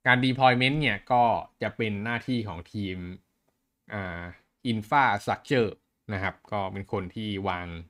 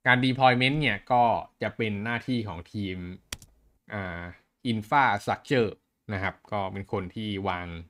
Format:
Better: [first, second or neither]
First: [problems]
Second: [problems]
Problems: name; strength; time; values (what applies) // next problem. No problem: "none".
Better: first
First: none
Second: keyboard typing; faint; at 3.5 s; peak 15 dB below the speech